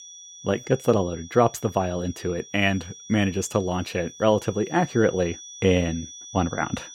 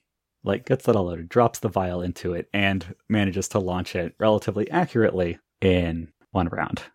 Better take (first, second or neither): second